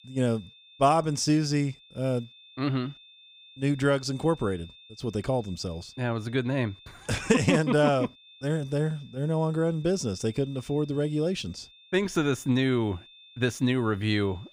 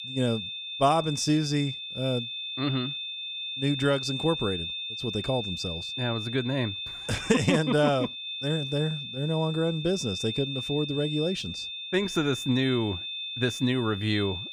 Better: first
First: high-pitched whine; faint; throughout; 3.5 kHz, 25 dB below the speech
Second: high-pitched whine; loud; throughout; 3.5 kHz, 5 dB below the speech

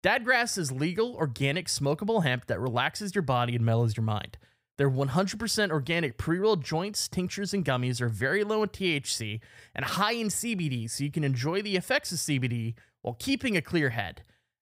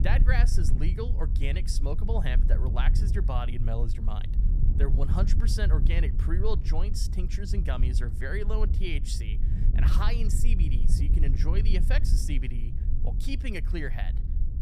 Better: first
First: none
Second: wind noise on the microphone; heavy; 8 dB below the speech

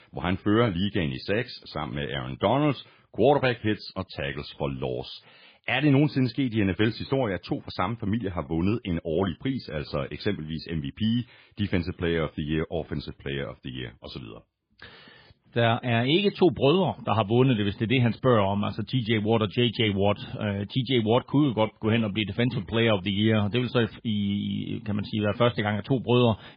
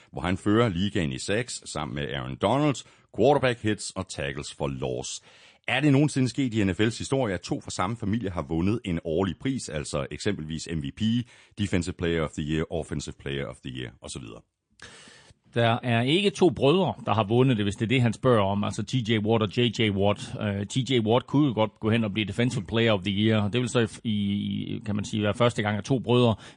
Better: second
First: garbled, watery; badly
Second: garbled, watery; slightly; nothing above 9.5 kHz

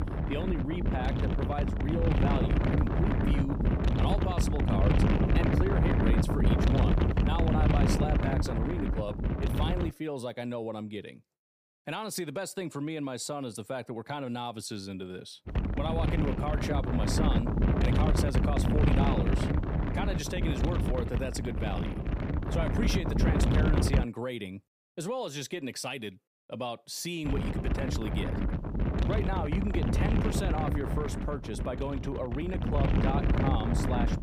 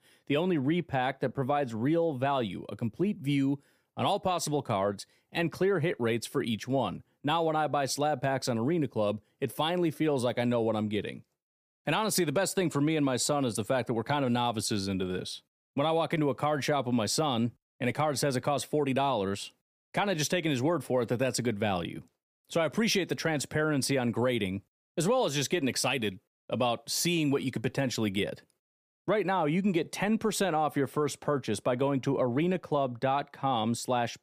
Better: second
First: wind noise on the microphone; heavy; until 10 s, from 15 to 24 s and from 27 s on; 1 dB above the speech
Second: none

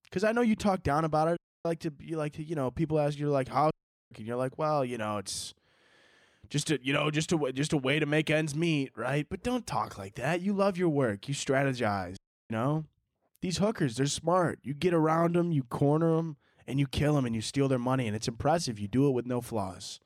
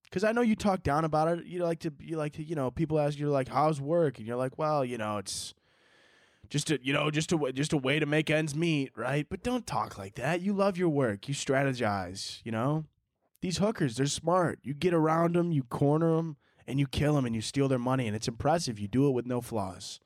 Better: second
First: audio cutting out; at 1.5 s, at 3.5 s and at 12 s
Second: none

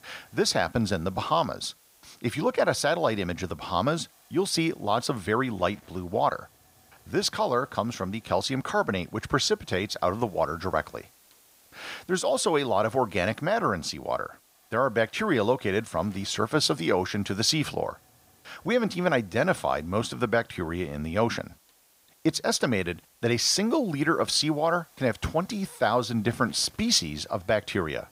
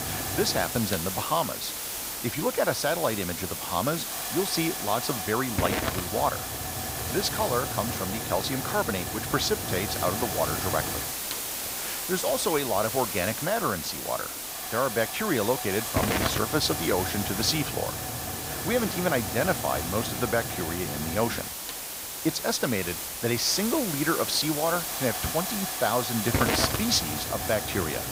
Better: first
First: hiss; faint; throughout; 30 dB below the speech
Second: hiss; loud; throughout; 2 dB below the speech

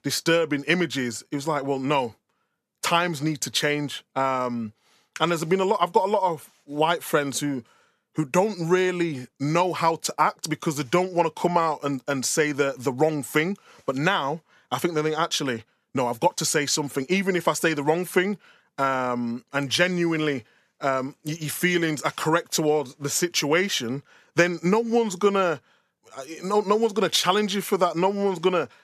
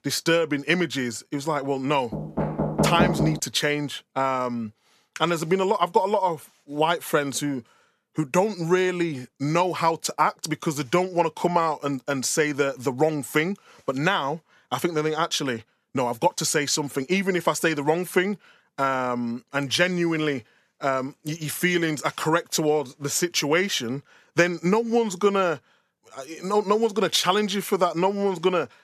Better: first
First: none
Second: door banging; loud; from 2 to 3.5 s; peak 2 dB above the speech

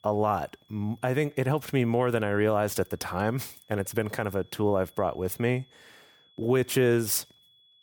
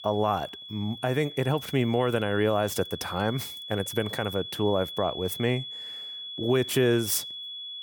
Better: first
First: high-pitched whine; faint; throughout; 3.5 kHz, 30 dB below the speech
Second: high-pitched whine; loud; throughout; 3.5 kHz, 9 dB below the speech

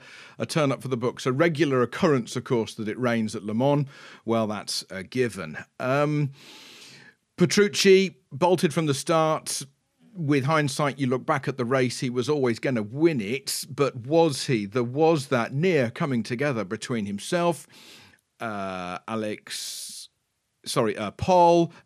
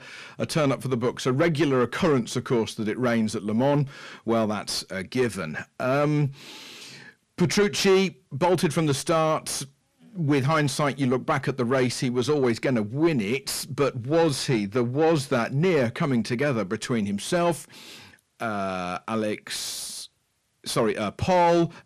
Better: first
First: none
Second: distortion; slight; 10 dB below the speech

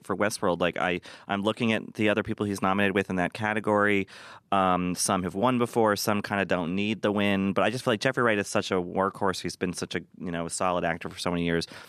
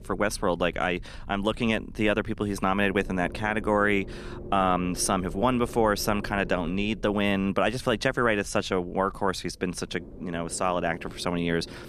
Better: first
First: none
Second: low rumble; faint; throughout; 20 dB below the speech

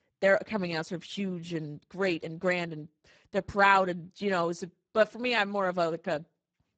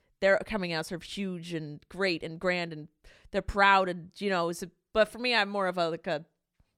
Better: second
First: garbled, watery; badly; nothing above 7.5 kHz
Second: none

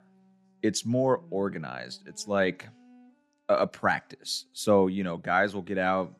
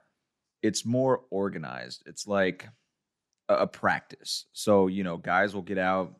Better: second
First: background music; faint; throughout; 30 dB below the speech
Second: none

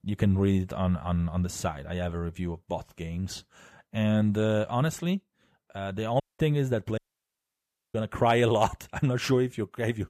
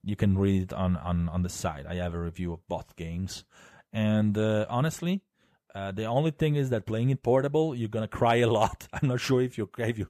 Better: second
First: audio cutting out; at 6 s and at 7 s for 1 s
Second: none

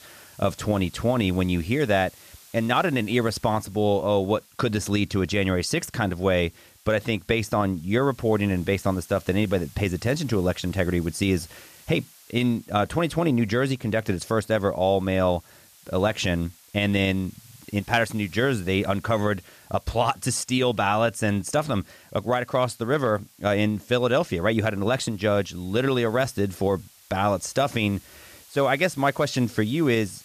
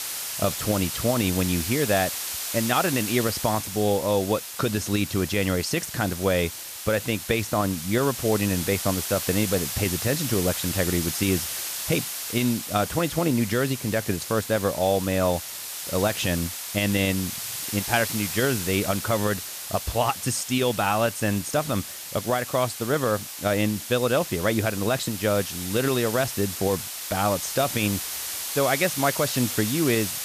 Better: first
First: hiss; faint; throughout; 25 dB below the speech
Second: hiss; loud; throughout; 5 dB below the speech

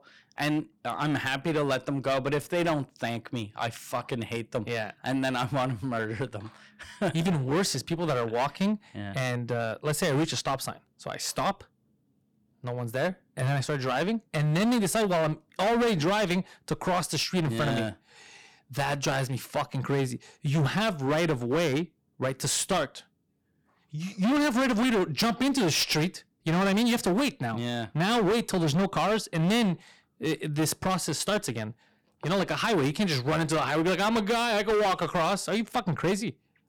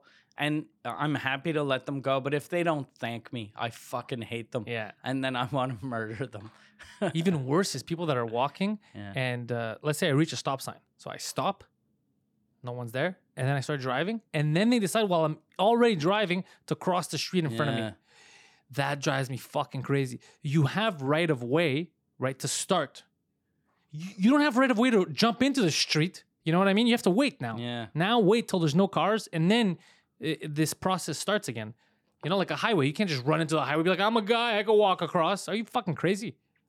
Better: second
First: distortion; heavy; 14% of the sound clipped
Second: none

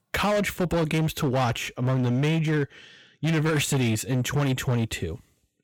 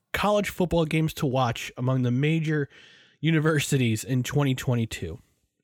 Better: second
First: distortion; slight; 19% of the sound clipped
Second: none

